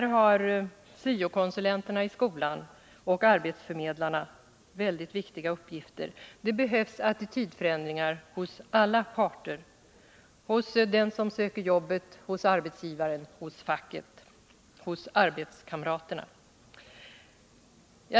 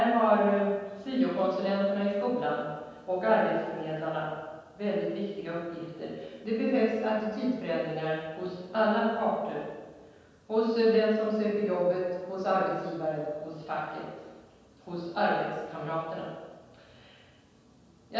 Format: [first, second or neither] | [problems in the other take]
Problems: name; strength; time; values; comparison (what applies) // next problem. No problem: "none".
first | room echo; dies away in 1.2 s